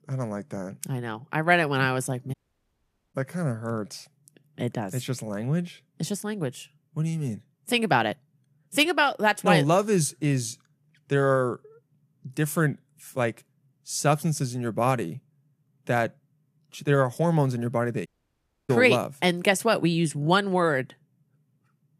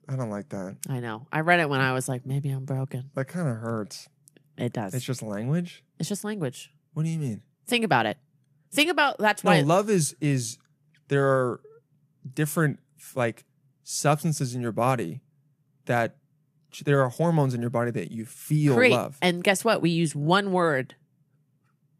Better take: second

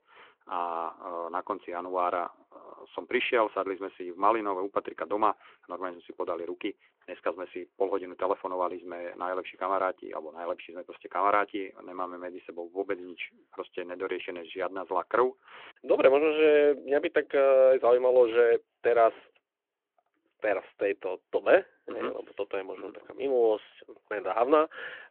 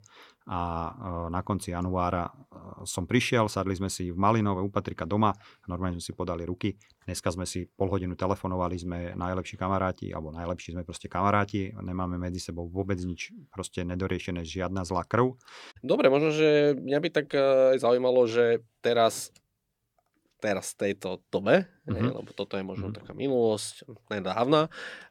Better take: second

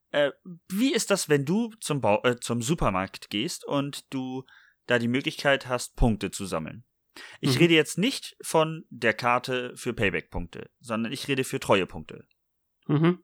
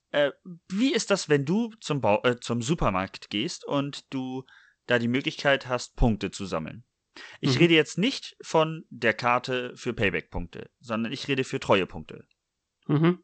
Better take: first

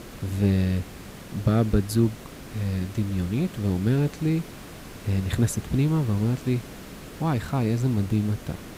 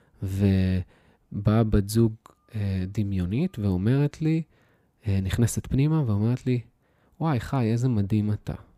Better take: second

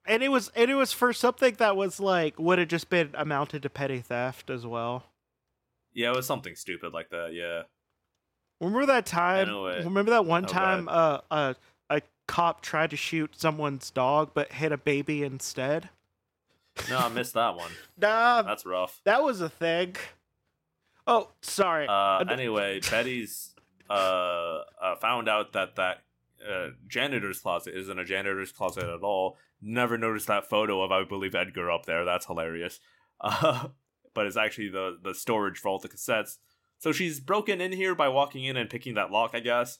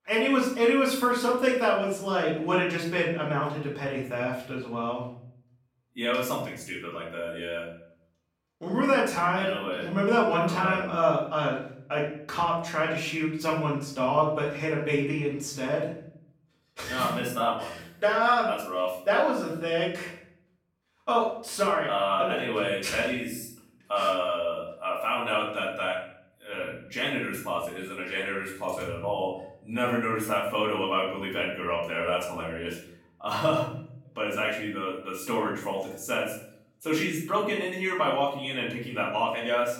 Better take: first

